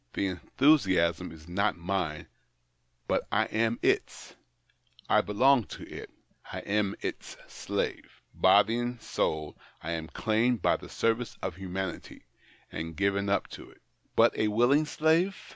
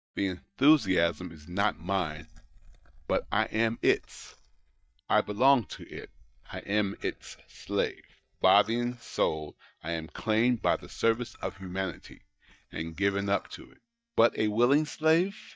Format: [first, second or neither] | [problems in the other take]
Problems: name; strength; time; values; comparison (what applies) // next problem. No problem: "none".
first | noise reduction (neural mask model DeepFilterNet 3)